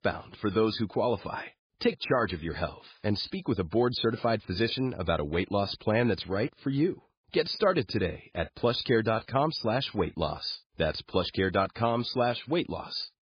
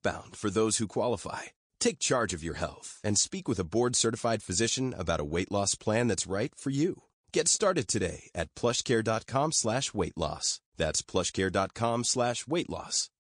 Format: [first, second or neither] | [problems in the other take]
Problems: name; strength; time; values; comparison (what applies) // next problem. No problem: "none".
second | garbled, watery; badly; nothing above 5 kHz; slightly in the second